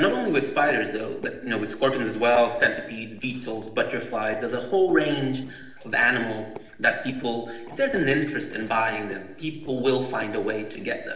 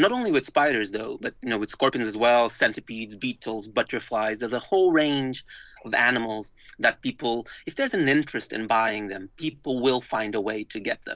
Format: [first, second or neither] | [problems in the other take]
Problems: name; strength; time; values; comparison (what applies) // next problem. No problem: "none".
second | noise reduction (neural separator model SepFormer DNS4)